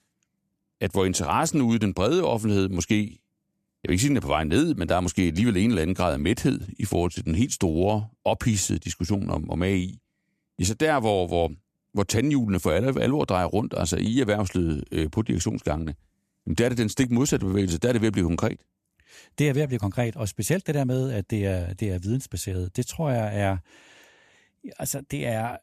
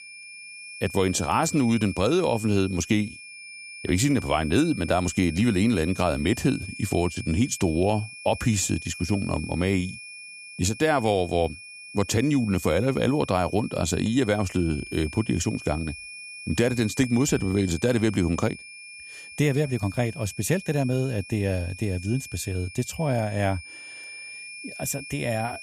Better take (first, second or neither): first